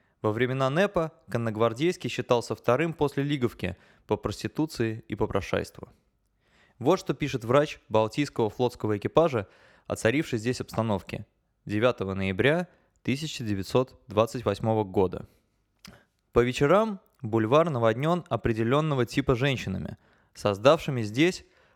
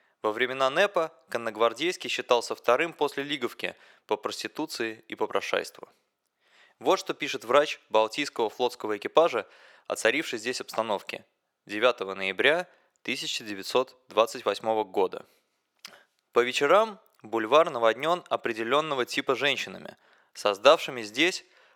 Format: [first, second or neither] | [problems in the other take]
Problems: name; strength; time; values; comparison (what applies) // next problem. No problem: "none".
first | thin; somewhat; fading below 500 Hz